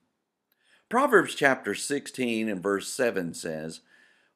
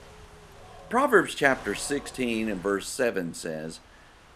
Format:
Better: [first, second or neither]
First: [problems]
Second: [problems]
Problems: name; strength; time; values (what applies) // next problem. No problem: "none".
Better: first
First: none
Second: wind noise on the microphone; occasional gusts; 20 dB below the speech